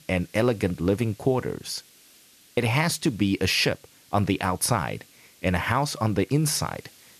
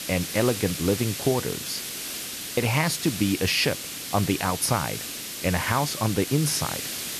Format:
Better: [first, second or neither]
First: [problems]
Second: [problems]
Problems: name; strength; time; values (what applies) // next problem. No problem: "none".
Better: first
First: hiss; faint; throughout; 25 dB below the speech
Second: hiss; loud; throughout; 6 dB below the speech